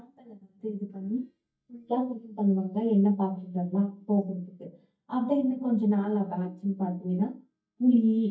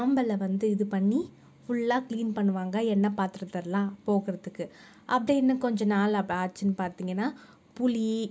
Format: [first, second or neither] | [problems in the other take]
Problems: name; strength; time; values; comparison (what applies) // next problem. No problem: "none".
second | noise reduction (neural mask model DeepFilterNet 3)